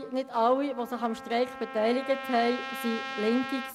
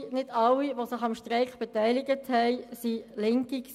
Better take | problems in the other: second | background sound (Trumpet); 10 dB below the speech

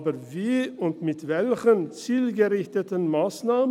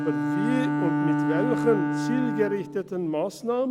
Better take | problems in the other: first | background sound (Bowed string instrument); 1 dB above the speech

